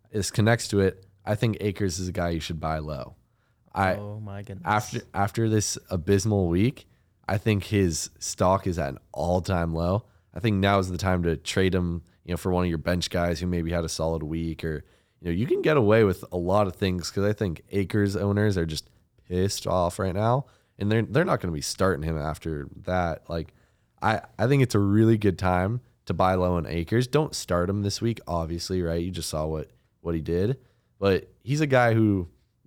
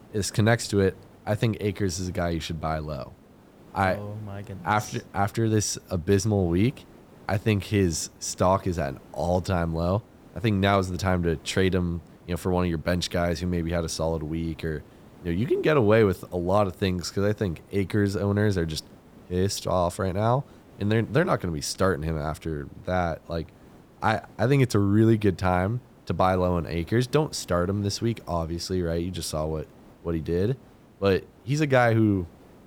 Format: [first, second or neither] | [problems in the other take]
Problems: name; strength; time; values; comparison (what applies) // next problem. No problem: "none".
first | hiss; faint; throughout; 25 dB below the speech